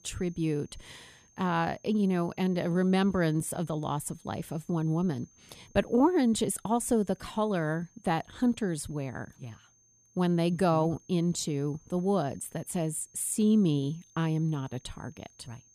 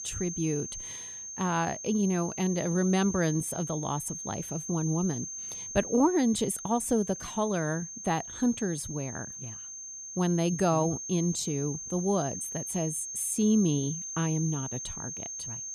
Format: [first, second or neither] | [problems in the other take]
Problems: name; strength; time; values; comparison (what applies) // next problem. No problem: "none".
first | high-pitched whine; loud; throughout; 6.5 kHz, 7 dB below the speech; faint in the first